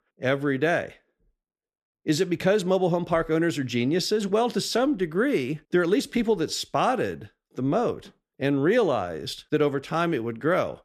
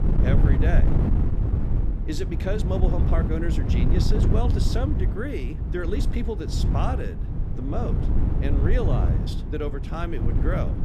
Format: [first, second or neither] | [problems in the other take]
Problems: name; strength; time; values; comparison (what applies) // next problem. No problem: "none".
first | wind noise on the microphone; heavy; 3 dB below the speech